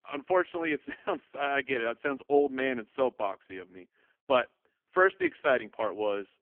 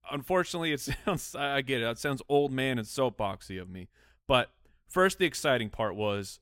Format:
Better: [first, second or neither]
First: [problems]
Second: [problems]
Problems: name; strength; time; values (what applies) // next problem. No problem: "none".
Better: second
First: phone-call audio; poor line; nothing above 3.5 kHz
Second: none